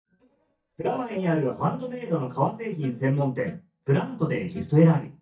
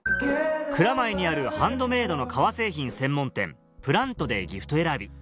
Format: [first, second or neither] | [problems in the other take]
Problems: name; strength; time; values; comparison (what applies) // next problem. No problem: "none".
second | noise reduction (neural mask model DeepFilterNet 3)